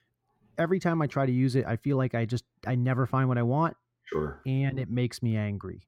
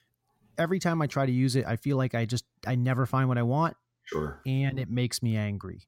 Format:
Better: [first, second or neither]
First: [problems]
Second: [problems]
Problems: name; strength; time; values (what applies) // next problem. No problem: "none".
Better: second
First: muffled; slightly; fading above 3.5 kHz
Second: none